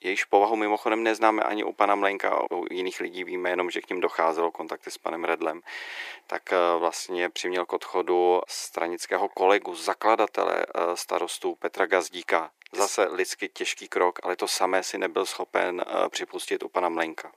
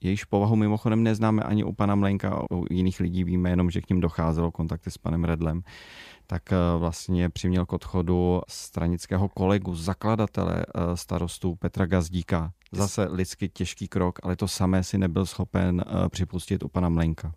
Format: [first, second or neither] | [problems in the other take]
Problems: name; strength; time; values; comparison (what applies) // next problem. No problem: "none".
second | thin; very; fading below 350 Hz